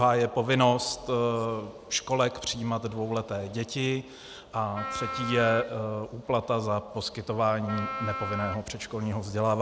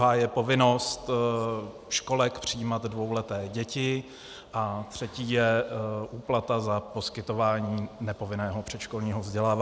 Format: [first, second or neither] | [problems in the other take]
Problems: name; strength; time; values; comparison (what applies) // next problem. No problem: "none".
second | background sound (Wind instrument, woodwind instrument); 7 dB below the speech